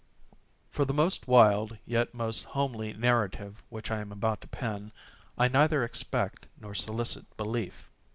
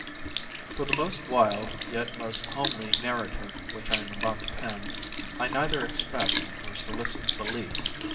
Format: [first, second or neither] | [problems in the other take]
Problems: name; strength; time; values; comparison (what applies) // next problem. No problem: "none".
first | background sound (Sink (filling or washing) / Liquid); 1 dB below the speech // room echo; dies away in 2 s